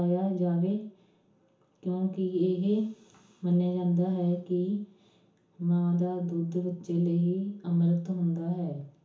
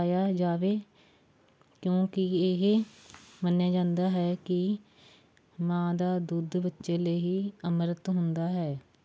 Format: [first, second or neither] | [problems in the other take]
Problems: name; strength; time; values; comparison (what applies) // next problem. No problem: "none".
second | room echo; dies away in 0.7 s